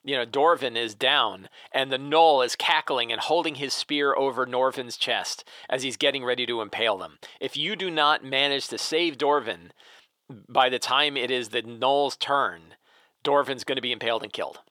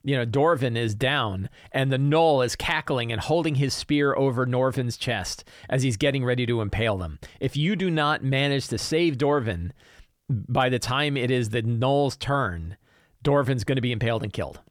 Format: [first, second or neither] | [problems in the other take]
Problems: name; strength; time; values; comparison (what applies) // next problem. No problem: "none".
second | thin; somewhat; fading below 450 Hz